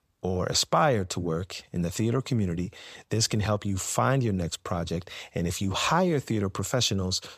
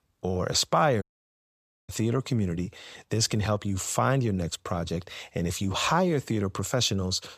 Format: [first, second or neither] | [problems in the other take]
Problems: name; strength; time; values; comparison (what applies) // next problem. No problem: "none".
first | audio cutting out; at 1 s for 1 s